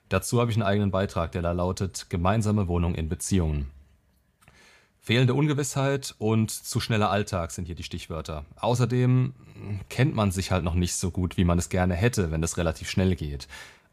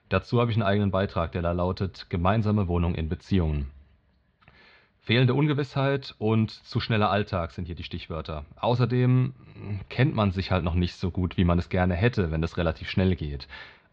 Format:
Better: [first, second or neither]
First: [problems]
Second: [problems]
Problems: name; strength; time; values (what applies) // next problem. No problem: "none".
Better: first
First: none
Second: muffled; slightly; fading above 4 kHz